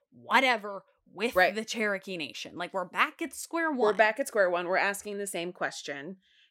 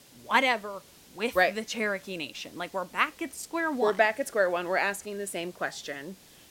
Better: first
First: none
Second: hiss; faint; throughout; 25 dB below the speech

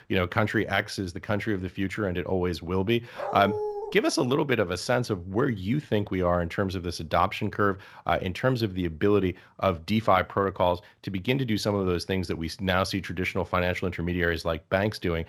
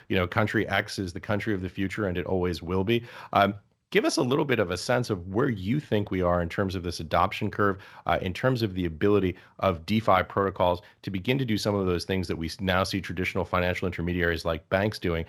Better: second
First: dog barking; noticeable; at 3 s; peak 5 dB below the speech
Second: none

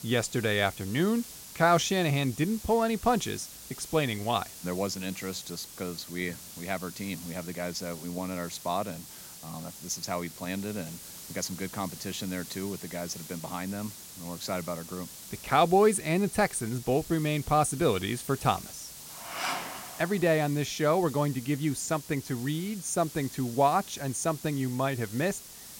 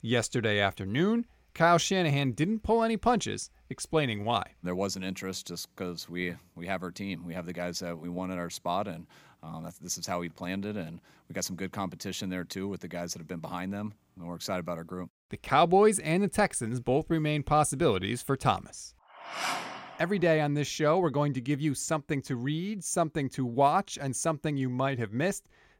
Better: second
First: hiss; noticeable; throughout; 15 dB below the speech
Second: none

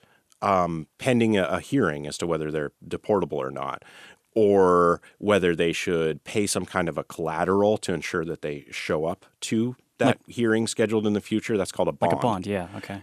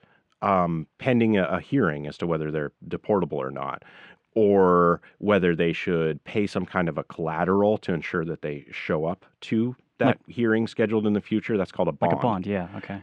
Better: first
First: none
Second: muffled; slightly; fading above 2.5 kHz

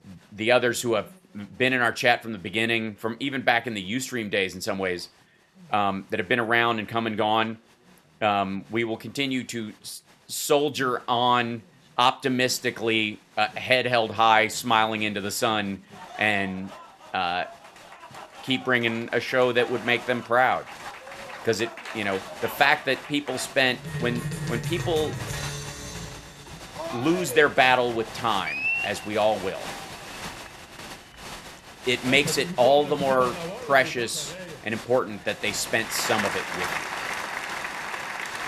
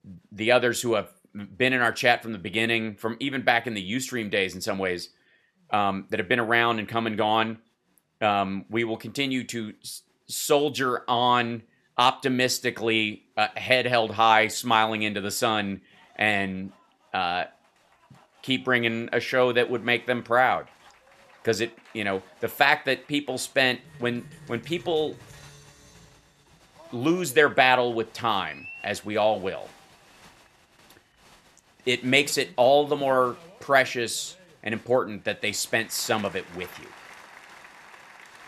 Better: second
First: crowd noise; loud; throughout; 10 dB below the speech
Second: crowd noise; faint; throughout; 25 dB below the speech

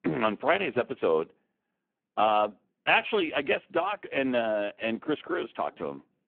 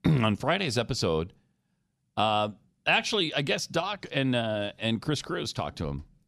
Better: second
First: phone-call audio; poor line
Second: none

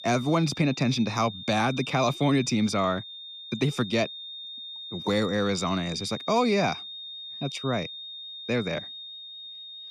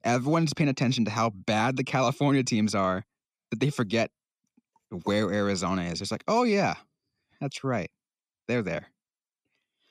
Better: second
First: high-pitched whine; noticeable; throughout; 3.5 kHz, 10 dB below the speech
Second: none

